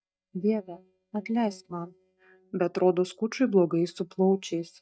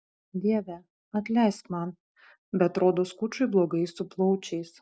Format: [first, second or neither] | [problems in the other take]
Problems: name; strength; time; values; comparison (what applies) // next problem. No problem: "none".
second | noise reduction (neural mask model DeepFilterNet 3)